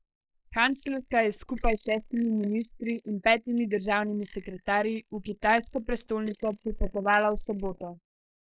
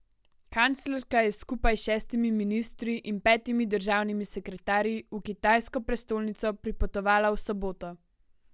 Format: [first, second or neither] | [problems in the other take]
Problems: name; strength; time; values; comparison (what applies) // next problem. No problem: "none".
second | noise reduction (neural mask model Resemble Enhance denoiser)